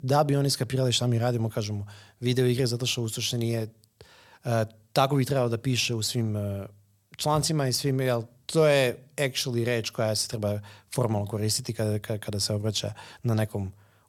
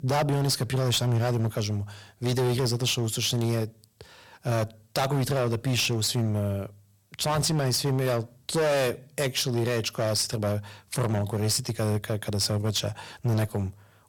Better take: first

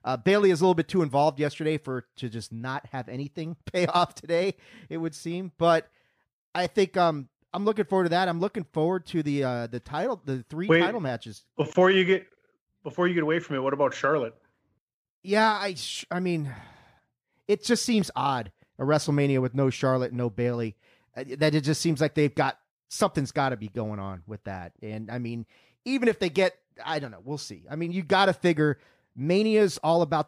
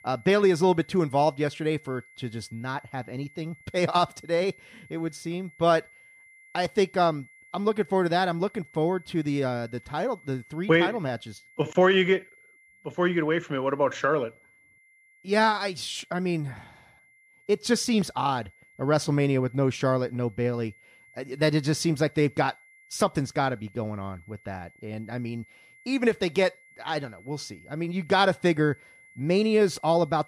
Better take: first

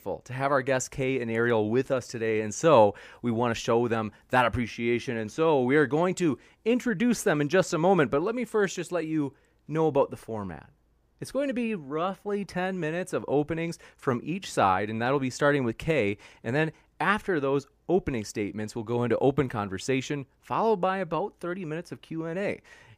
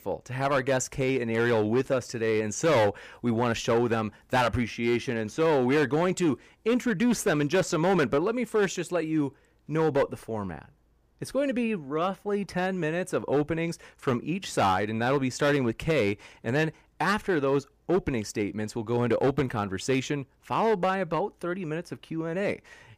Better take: first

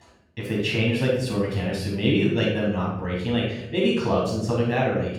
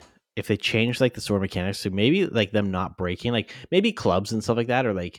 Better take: second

